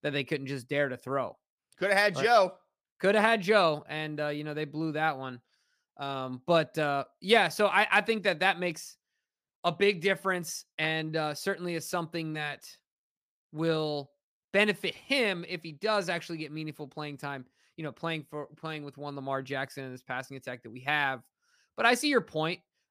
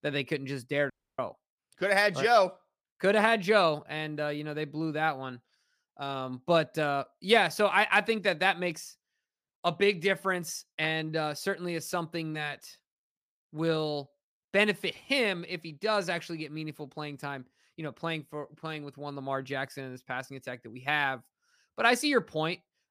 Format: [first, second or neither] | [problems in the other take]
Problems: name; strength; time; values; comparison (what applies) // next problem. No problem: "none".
first | audio cutting out; at 1 s